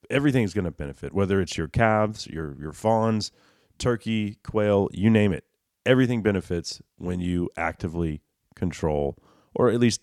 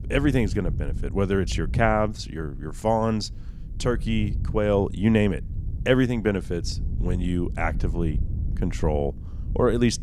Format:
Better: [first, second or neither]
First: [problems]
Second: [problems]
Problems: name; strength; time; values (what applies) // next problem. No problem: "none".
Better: first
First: none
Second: wind noise on the microphone; occasional gusts; 20 dB below the speech